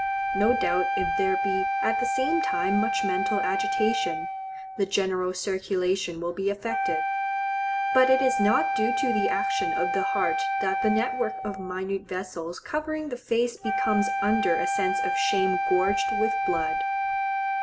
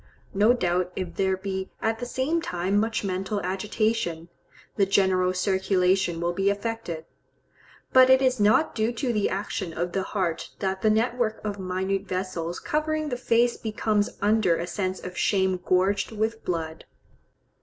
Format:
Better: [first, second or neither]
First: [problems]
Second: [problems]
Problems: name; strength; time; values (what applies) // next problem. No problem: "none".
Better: second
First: background sound (Wind instrument, woodwind instrument); 1 dB above the speech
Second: none